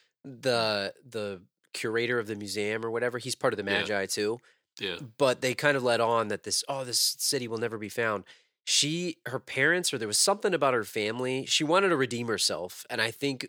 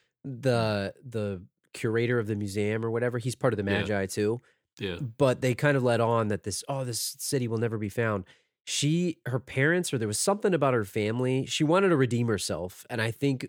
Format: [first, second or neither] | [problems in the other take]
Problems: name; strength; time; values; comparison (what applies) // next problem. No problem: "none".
second | thin; somewhat; fading below 1 kHz